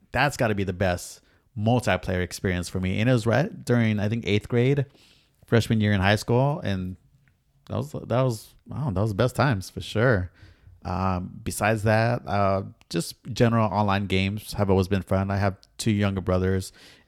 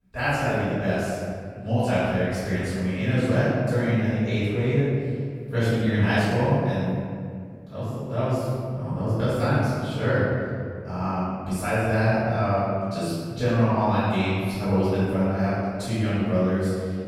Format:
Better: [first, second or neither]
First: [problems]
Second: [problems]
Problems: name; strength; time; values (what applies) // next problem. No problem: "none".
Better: first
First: none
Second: off-mic speech; far // room echo; strong; dies away in 1.9 s